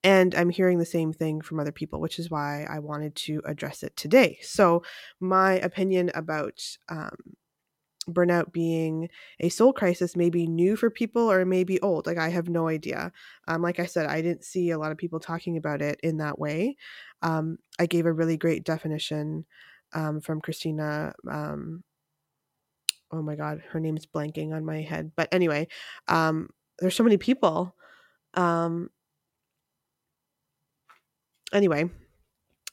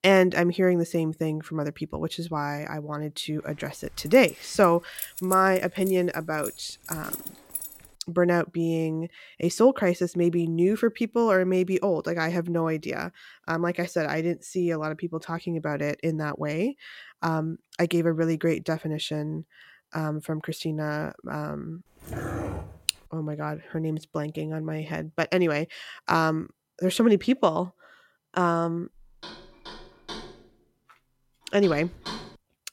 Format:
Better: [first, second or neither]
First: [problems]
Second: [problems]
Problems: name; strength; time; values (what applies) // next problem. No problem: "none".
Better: first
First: none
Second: jangling keys; noticeable; from 4 to 7.5 s; peak 6 dB below the speech // dog barking; noticeable; from 22 to 23 s; peak 6 dB below the speech // door banging; faint; from 29 s on; peak 10 dB below the speech